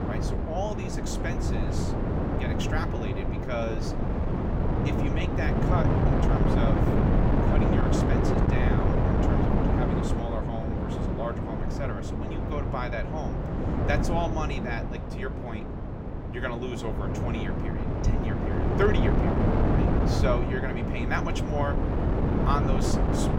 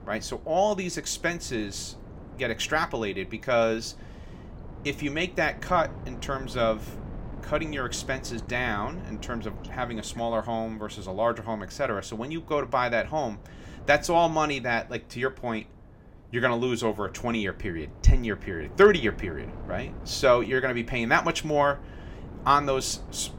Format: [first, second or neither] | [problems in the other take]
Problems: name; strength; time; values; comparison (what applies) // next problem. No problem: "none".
second | wind noise on the microphone; heavy; 2 dB above the speech; occasional gusts in the second